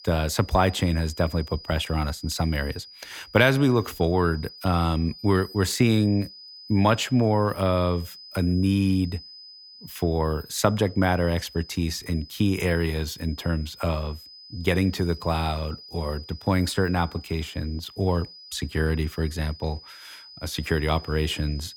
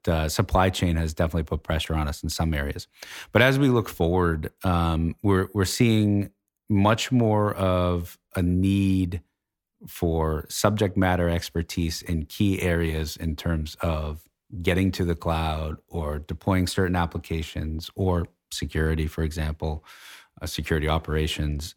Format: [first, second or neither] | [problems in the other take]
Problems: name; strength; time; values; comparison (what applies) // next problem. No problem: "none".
second | high-pitched whine; noticeable; throughout; 5 kHz, 20 dB below the speech